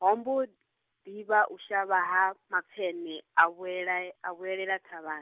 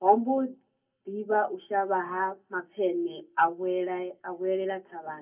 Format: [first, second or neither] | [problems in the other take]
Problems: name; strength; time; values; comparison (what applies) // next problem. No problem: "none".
first | room echo; dies away in 0.3 s